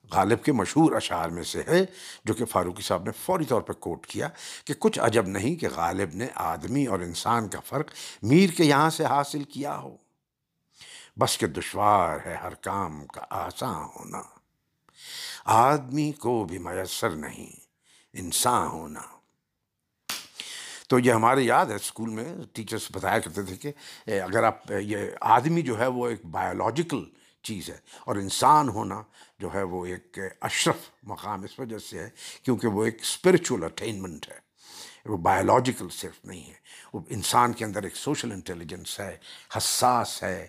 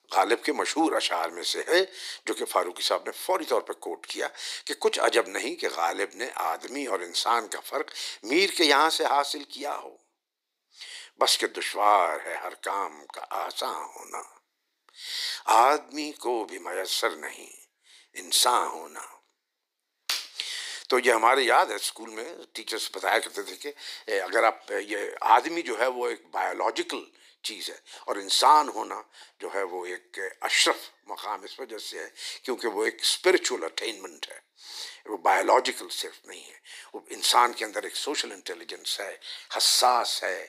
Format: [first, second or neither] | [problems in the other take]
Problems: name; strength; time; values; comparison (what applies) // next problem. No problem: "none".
first | thin; very; fading below 350 Hz